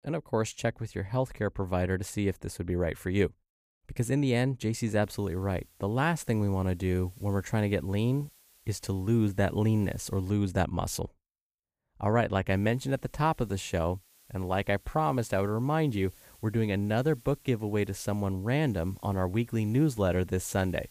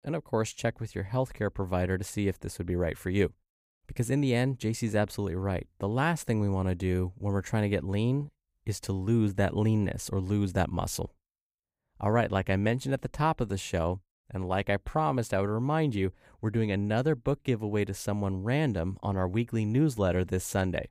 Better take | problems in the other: second | hiss; faint; from 5 to 10 s and from 12 s on; 25 dB below the speech

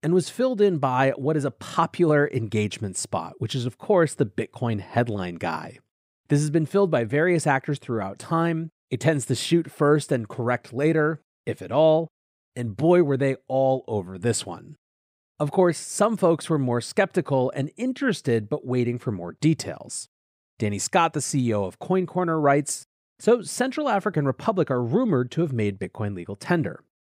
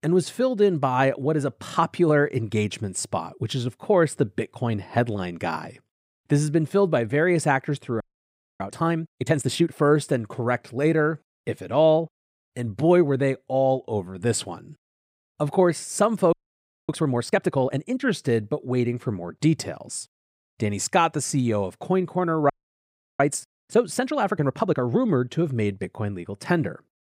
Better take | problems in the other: first | audio freezing; at 8 s for 0.5 s, at 16 s for 0.5 s and at 23 s for 0.5 s

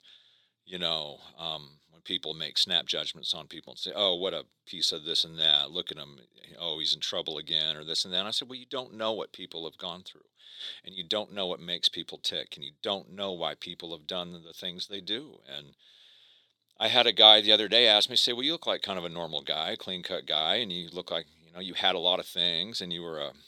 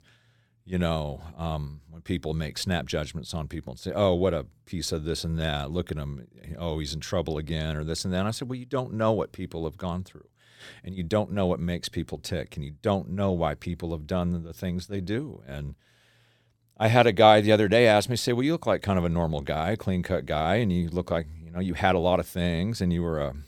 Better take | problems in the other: second | thin; somewhat; fading below 300 Hz

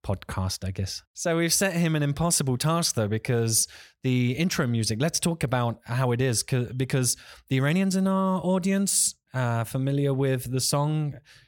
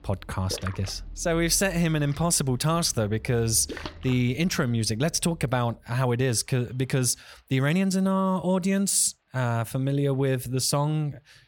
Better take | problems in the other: first | rain or running water; noticeable; throughout; 20 dB below the speech

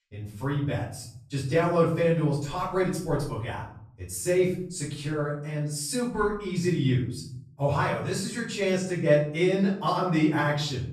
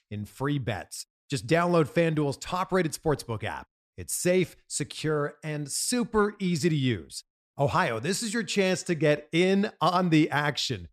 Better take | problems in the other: second | room echo; noticeable; dies away in 0.6 s // off-mic speech; far

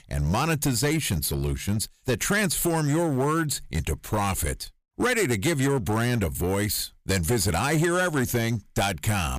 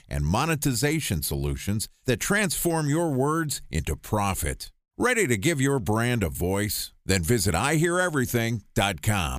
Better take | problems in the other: second | distortion; slight; 9% of the sound clipped

